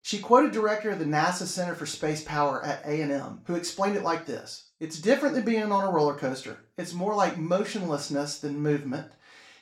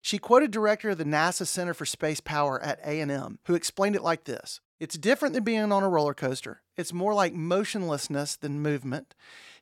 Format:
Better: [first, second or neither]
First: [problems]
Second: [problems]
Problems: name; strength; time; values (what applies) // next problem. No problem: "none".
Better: second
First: room echo; slight; dies away in 0.3 s // off-mic speech; far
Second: none